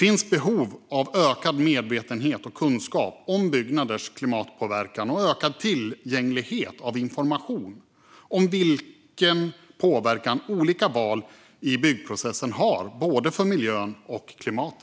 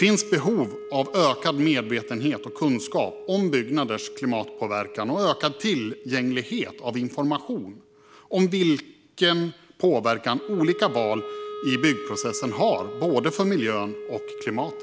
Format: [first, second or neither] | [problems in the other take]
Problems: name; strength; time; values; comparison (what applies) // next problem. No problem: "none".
first | background sound (Wind instrument, woodwind instrument); 13 dB below the speech